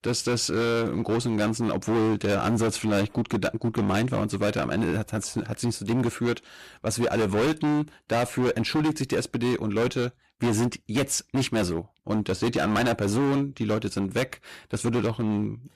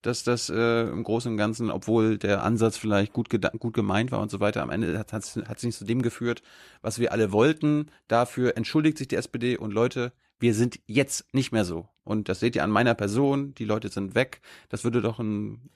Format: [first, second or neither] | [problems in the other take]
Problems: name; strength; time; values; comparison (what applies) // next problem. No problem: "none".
second | distortion; heavy; 18% of the sound clipped